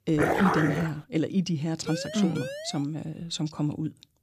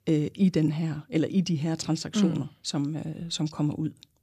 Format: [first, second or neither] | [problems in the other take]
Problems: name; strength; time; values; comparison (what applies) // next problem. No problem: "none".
second | dog barking; loud; at the start; peak 4 dB above the speech // siren; noticeable; at 2 s; peak 7 dB below the speech